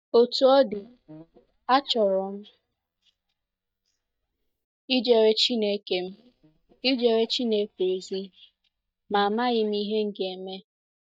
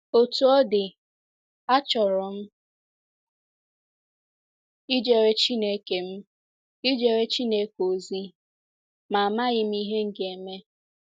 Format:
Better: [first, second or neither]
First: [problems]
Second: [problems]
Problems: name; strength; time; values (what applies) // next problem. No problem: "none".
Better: second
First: noise reduction (neural mask model DeepFilterNet 3)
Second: none